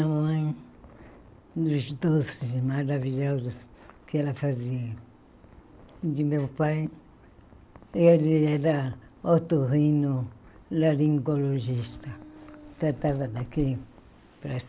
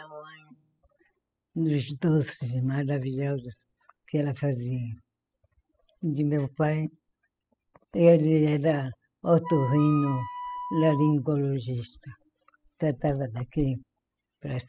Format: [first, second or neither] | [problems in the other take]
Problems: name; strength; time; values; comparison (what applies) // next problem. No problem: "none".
first | noise reduction (classical method spectral subtraction)